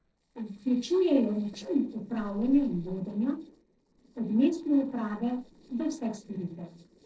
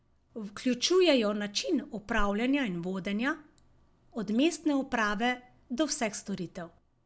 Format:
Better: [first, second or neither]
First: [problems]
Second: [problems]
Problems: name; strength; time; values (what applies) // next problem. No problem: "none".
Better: second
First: noise reduction (neural separator model SepFormer DNS4)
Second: none